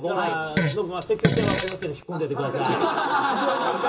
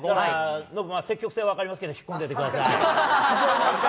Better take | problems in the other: second | background sound (Fart); 1 dB below the speech // room echo; dies away in 0.2 s

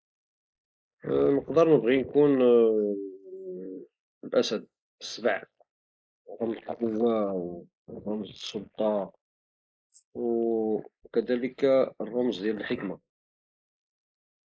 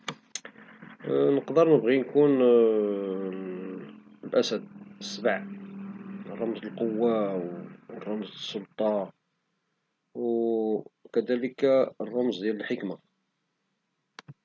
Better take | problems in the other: second | noise reduction (neural mask model Resemble Enhance denoiser)

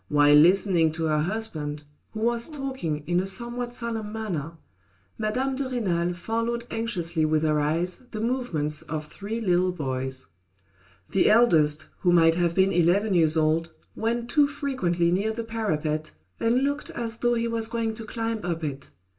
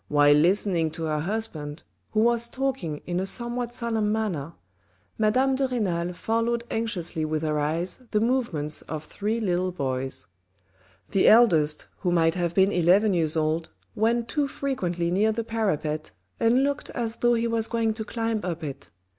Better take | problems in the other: second | background sound (Brass instrument); 18 dB below the speech // room echo; dies away in 0.2 s

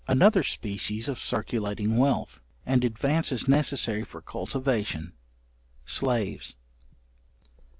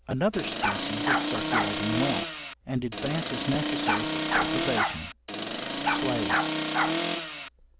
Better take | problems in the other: first | background sound (Accelerating, revving, vroom + Bark); 5 dB above the speech

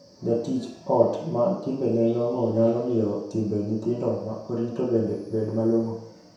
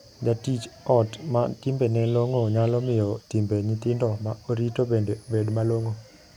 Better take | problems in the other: second | room echo; dies away in 0.7 s

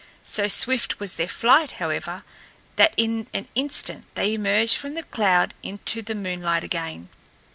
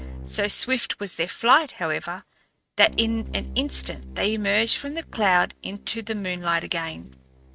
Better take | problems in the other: first | noise reduction (neural mask model RNNoise)

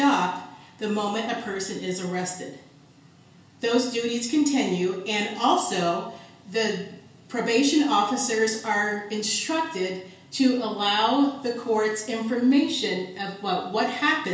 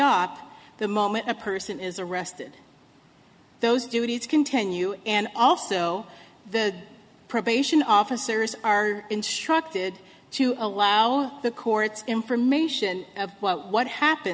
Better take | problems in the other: second | room echo; dies away in 0.5 s

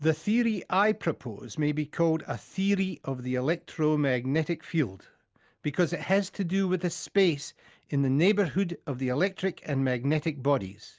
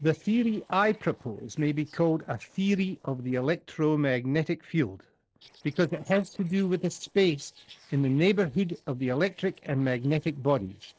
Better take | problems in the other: first | noise reduction (neural separator model SepFormer DNS4)

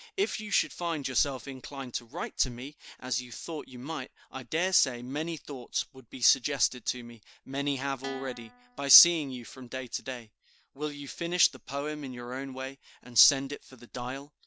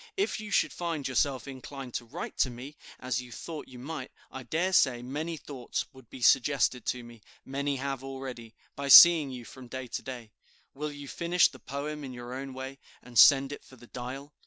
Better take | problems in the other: second | background sound (Guitar); 14 dB below the speech

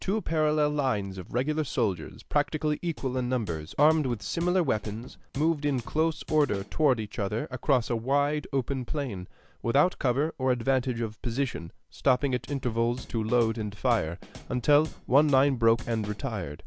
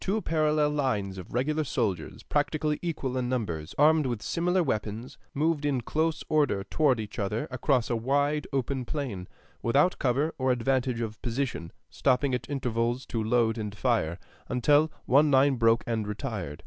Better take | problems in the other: second | background sound (Drum kit); 18 dB below the speech

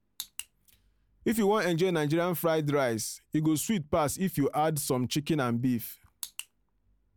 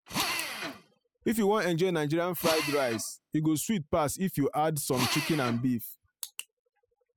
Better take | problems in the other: first | noise reduction (classical method spectral subtraction)

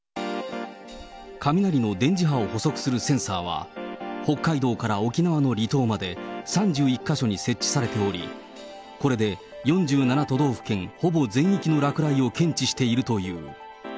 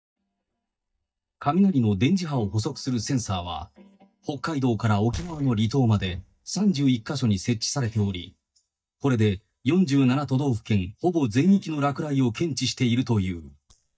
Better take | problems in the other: first | noise reduction (neural mask model DeepFilterNet 3)

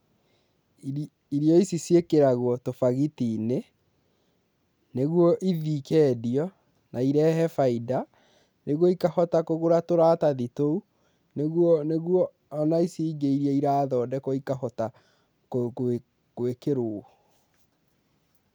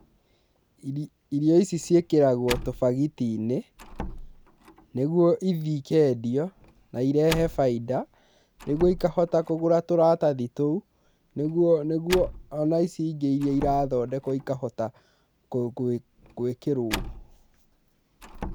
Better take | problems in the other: first | background sound (Slam); 15 dB below the speech

